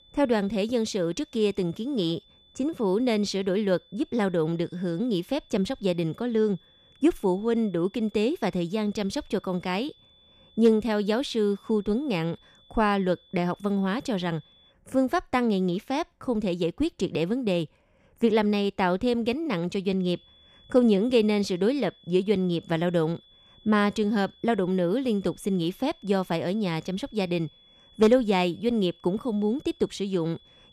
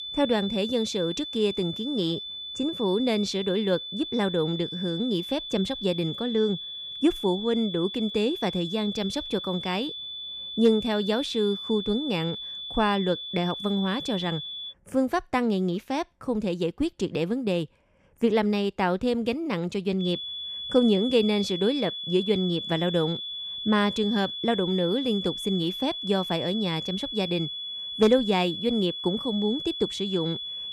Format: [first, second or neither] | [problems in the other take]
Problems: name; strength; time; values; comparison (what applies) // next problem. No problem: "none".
first | high-pitched whine; loud; until 15 s and from 20 s on; 3.5 kHz, 6 dB below the speech; faint in the first